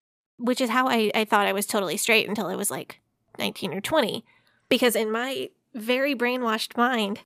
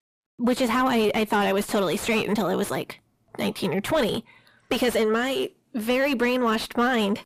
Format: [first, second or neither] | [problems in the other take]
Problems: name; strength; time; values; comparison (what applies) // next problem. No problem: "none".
first | distortion; heavy; 6 dB below the speech